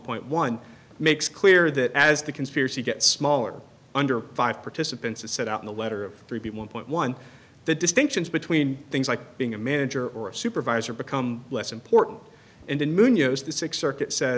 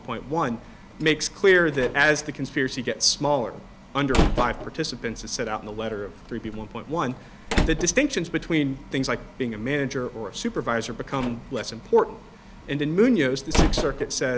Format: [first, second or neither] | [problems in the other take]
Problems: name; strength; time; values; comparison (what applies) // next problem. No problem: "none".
first | background sound (Slam); 6 dB below the speech